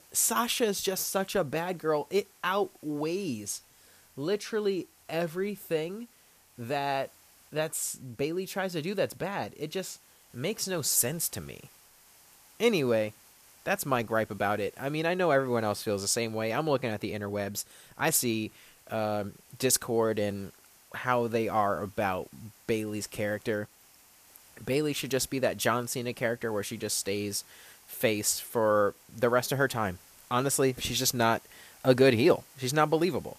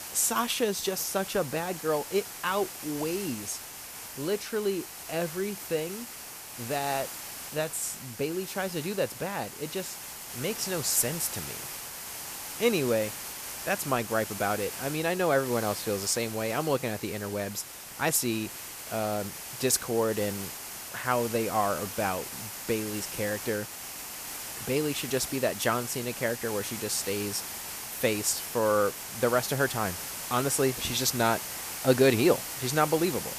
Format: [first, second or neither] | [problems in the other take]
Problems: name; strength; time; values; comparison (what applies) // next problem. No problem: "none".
first | hiss; loud; throughout; 7 dB below the speech; faint in the first